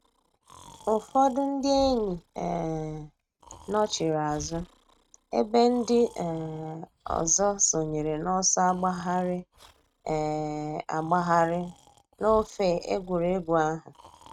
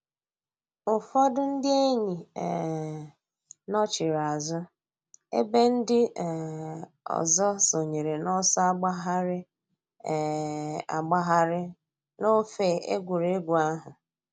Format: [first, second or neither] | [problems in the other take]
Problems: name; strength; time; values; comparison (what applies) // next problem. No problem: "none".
second | noise reduction (neural mask model RNNoise)